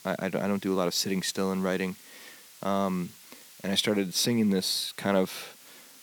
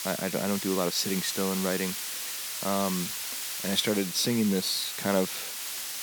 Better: first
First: hiss; faint; throughout; 20 dB below the speech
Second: hiss; loud; throughout; 4 dB below the speech

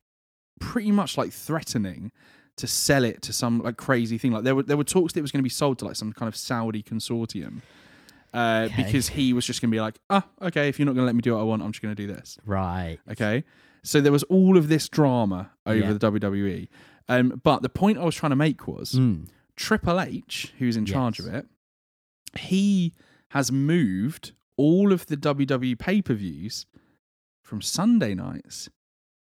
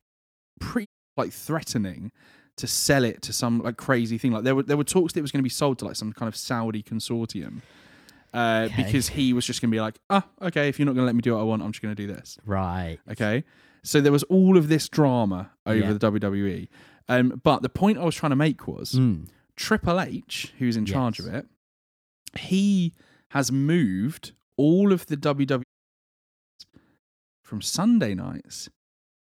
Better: first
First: none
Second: audio cutting out; at 1 s and at 26 s for 1 s

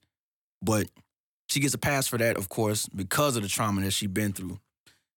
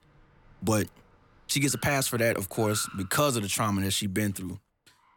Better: first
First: none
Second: traffic noise; noticeable; throughout; 20 dB below the speech

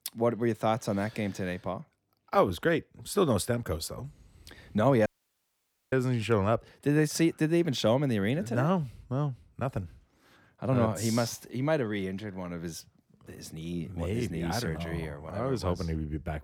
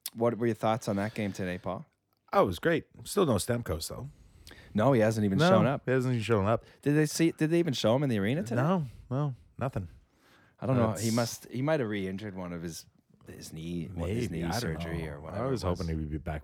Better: second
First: audio cutting out; at 5 s for 1 s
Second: none

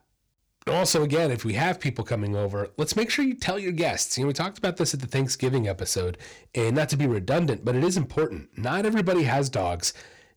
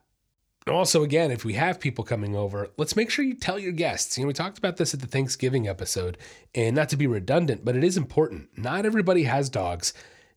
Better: second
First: distortion; slight; 8% of the sound clipped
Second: none

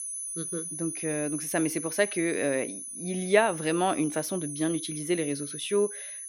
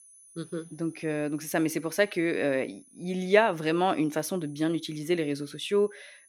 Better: second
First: high-pitched whine; loud; throughout; 10 kHz, 6 dB below the speech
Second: high-pitched whine; faint; throughout; 10 kHz, 25 dB below the speech

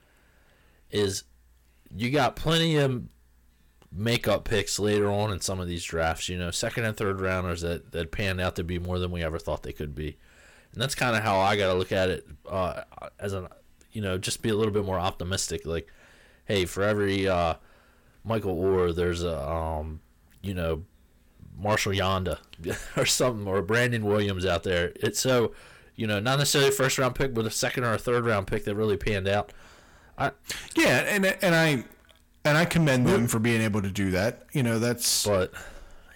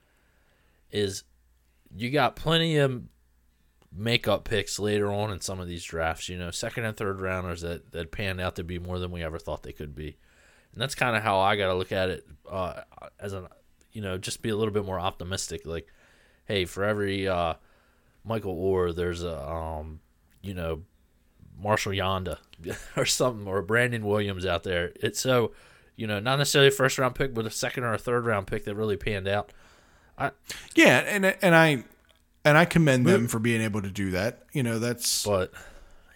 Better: second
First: distortion; heavy; 8 dB below the speech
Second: none

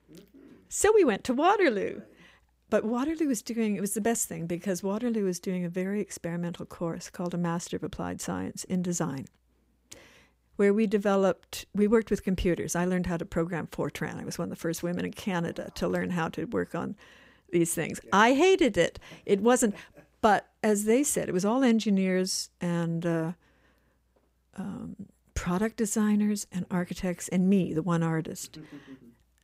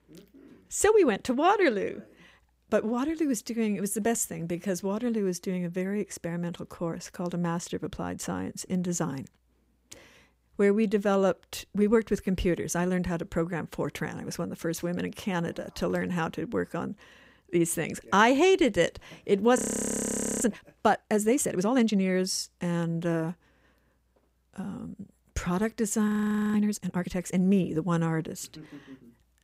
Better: first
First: none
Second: audio freezing; at 20 s for 1 s and at 26 s

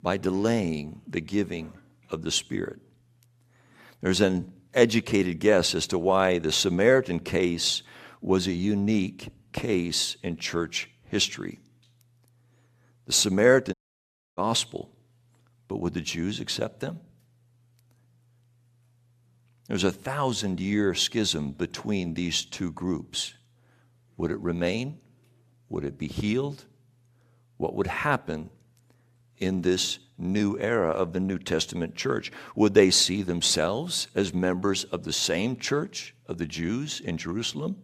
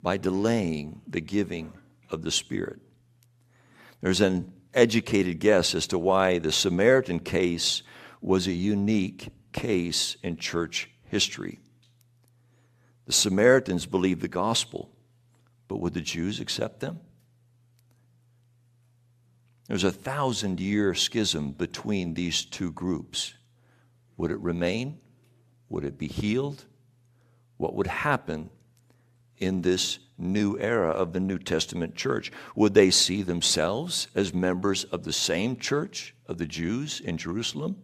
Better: second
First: audio cutting out; at 14 s for 0.5 s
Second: none

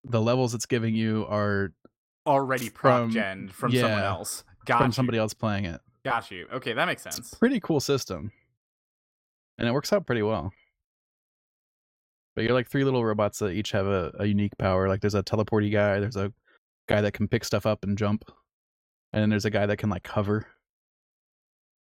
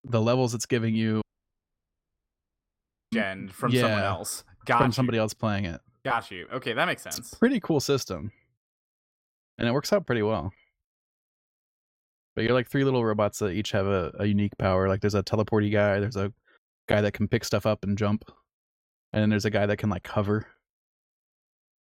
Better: first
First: none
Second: audio cutting out; at 1 s for 2 s

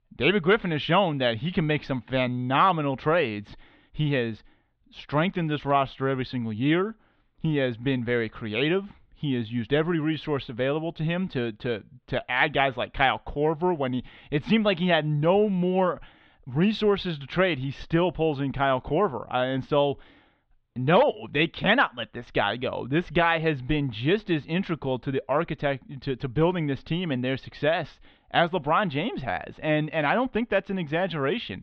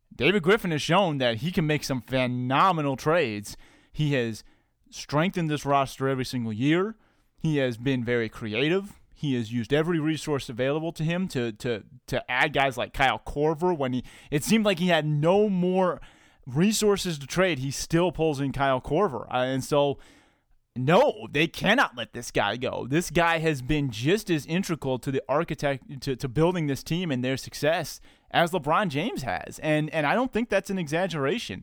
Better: second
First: muffled; slightly; fading above 3.5 kHz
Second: none

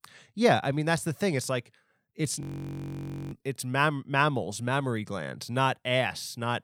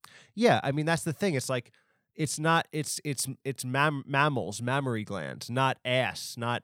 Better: second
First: audio freezing; at 2.5 s for 1 s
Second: none

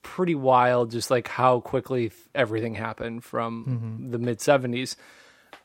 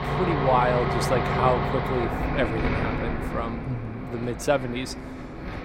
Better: first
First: none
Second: traffic noise; loud; throughout; 1 dB below the speech

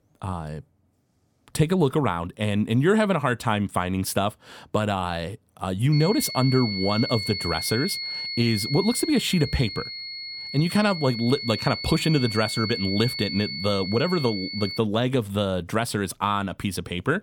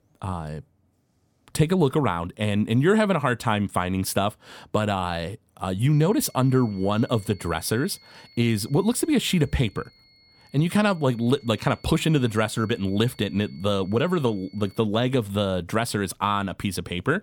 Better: second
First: high-pitched whine; loud; from 6 to 15 s; 4.5 kHz, 6 dB below the speech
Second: high-pitched whine; faint; from 6 to 15 s; 4.5 kHz, 30 dB below the speech

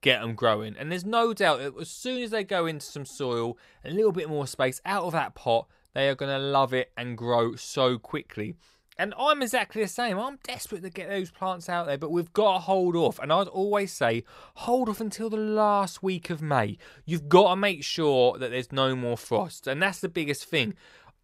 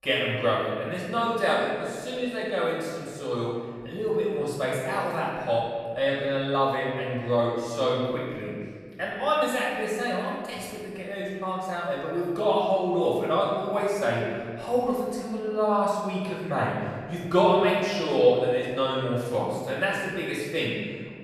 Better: first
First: none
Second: off-mic speech; far // room echo; noticeable; dies away in 1.8 s

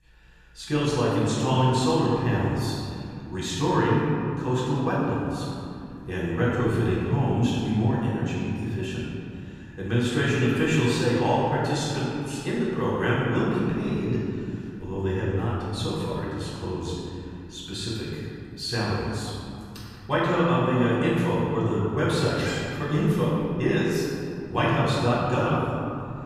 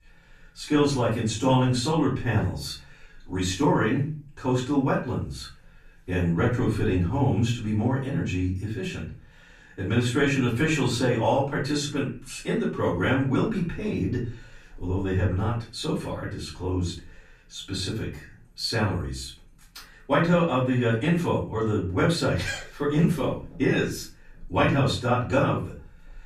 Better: second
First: room echo; strong; dies away in 2.5 s // off-mic speech; far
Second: room echo; slight; dies away in 0.3 s // off-mic speech; far

